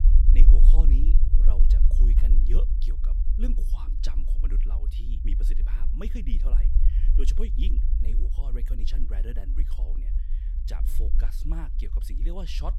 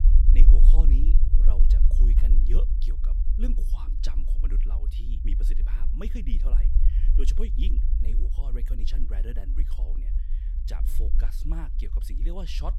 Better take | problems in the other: neither | low rumble; loud; throughout; 4 dB below the speech; the same in both

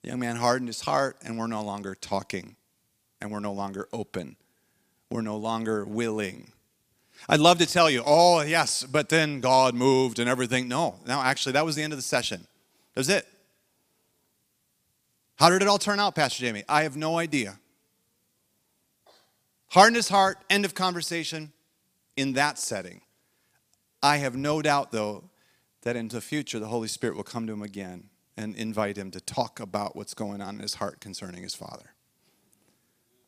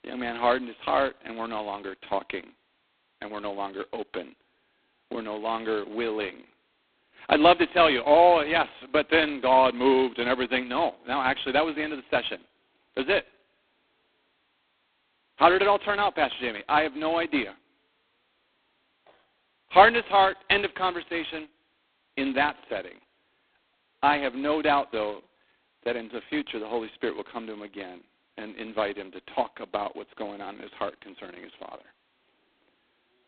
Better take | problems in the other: first | phone-call audio; poor line; nothing above 4 kHz

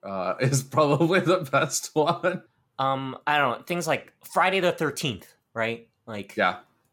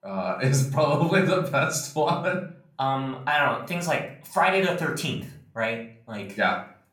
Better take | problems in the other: first | room echo; slight; dies away in 0.4 s // off-mic speech; somewhat distant

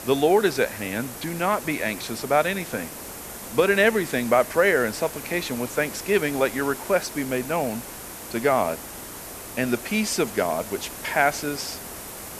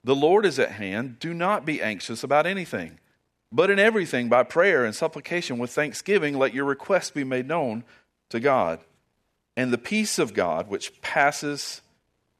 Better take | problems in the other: second | hiss; noticeable; throughout; 10 dB below the speech

